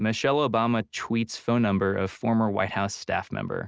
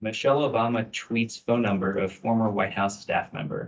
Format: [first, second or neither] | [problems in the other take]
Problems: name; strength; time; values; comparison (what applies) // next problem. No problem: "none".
first | noise reduction (neural mask model DeepFilterNet 3)